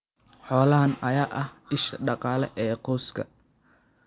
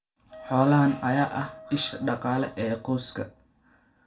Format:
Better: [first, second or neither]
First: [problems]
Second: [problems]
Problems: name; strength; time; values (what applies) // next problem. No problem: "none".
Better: first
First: none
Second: background sound (Wind instrument, woodwind instrument); 20 dB below the speech // room echo; dies away in 0.2 s